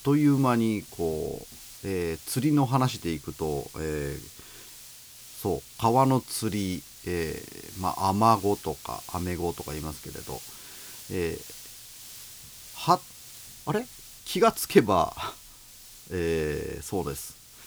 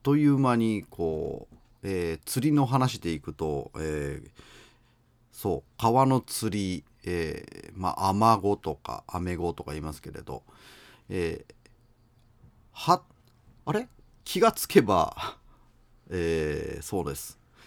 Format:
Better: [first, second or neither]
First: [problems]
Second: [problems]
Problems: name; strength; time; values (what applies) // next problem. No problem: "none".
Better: second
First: hiss; noticeable; throughout; 15 dB below the speech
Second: none